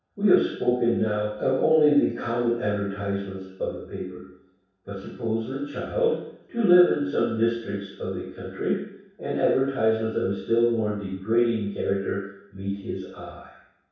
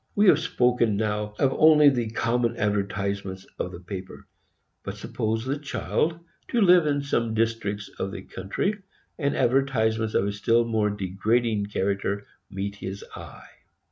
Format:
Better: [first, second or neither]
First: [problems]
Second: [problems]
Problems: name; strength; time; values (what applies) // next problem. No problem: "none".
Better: second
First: room echo; dies away in 0.7 s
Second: none